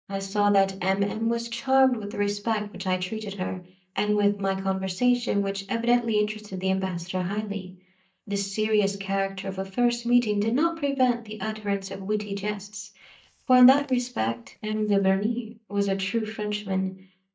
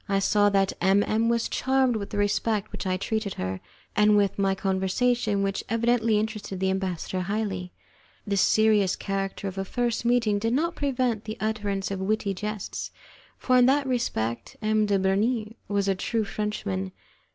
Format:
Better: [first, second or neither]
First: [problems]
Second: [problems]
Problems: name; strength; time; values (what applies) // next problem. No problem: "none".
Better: second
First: noise reduction (neural mask model DeepFilterNet 3)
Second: none